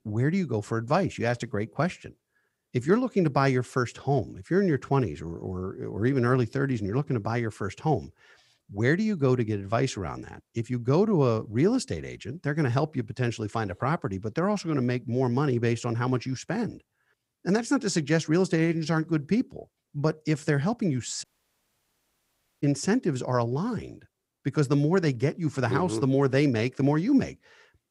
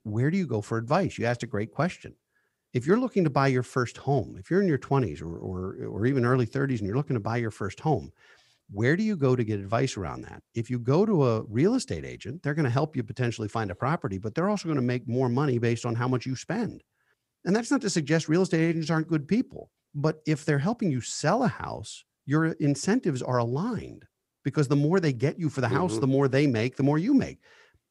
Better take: second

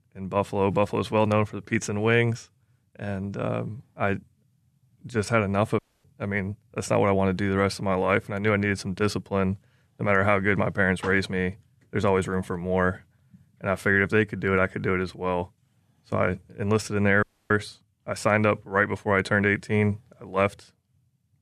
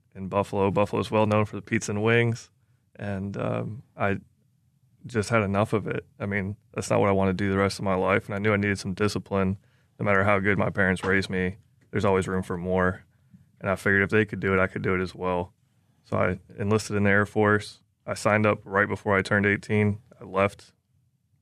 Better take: second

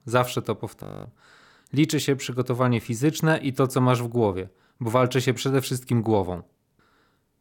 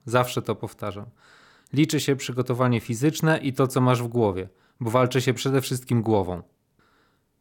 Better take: second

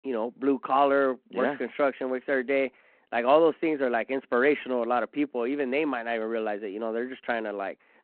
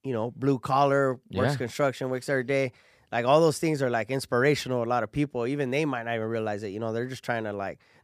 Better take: second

